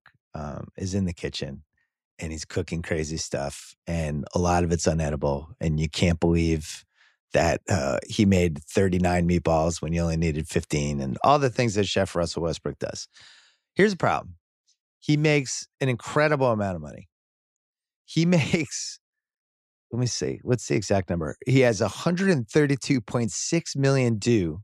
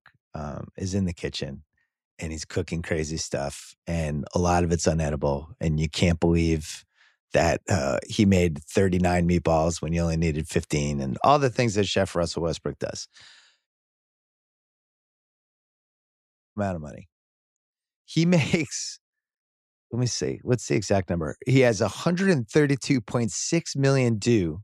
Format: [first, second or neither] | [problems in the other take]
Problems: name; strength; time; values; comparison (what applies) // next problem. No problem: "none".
first | audio cutting out; at 14 s for 3 s